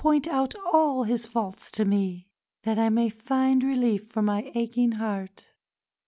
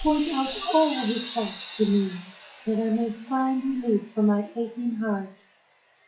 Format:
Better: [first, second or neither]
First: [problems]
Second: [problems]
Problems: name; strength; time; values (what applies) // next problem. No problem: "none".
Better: first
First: none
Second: noise reduction (classical method WPE with log-MMSE)